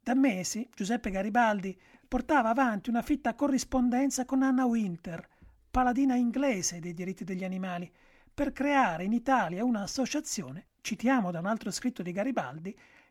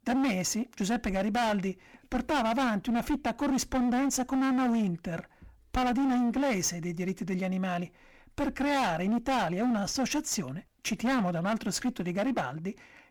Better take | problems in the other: first | distortion; heavy; 22% of the sound clipped

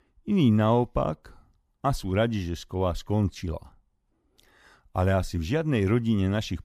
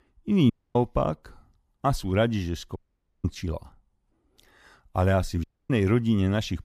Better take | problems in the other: first | audio cutting out; at 0.5 s, at 3 s and at 5.5 s

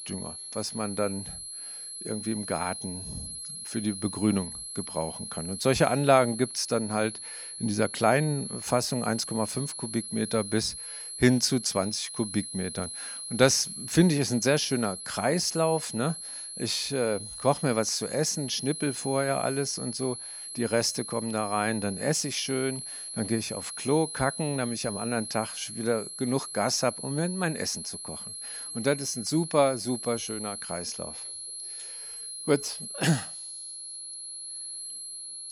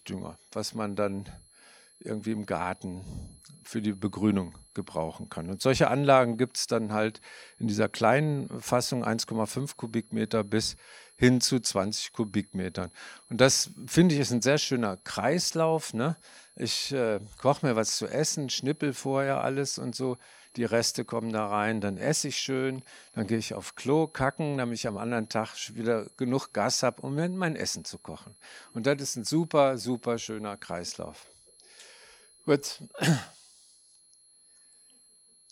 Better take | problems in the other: second | high-pitched whine; loud; throughout; 11 kHz, 8 dB below the speech; faint in the second

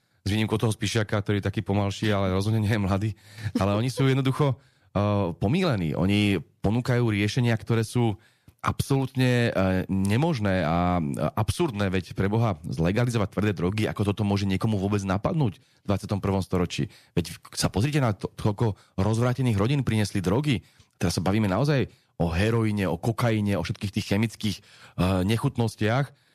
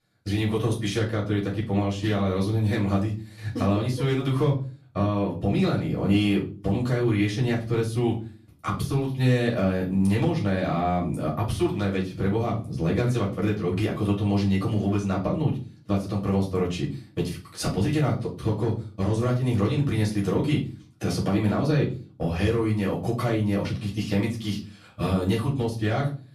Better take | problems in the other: first | off-mic speech; far // room echo; slight; dies away in 0.3 s

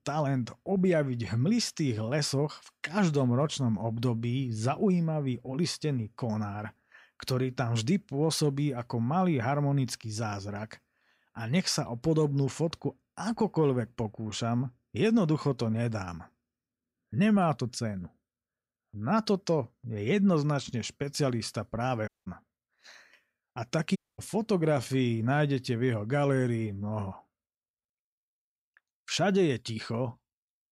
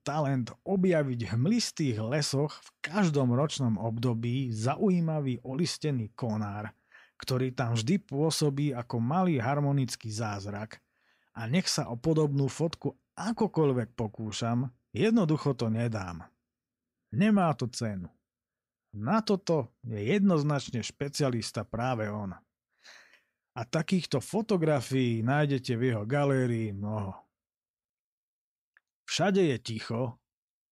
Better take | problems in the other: second | audio cutting out; at 22 s and at 24 s

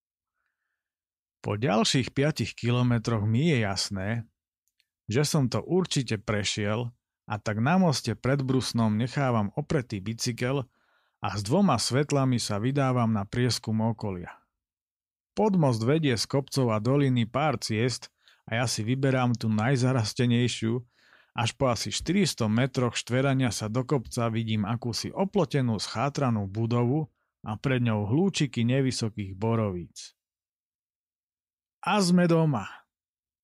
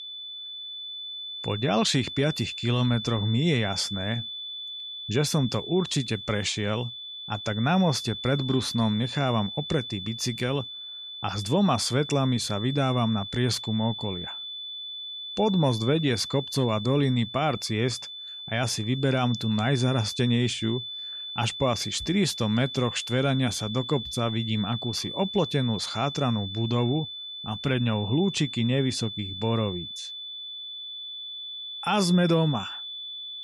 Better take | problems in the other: first | high-pitched whine; loud; throughout; 3.5 kHz, 8 dB below the speech

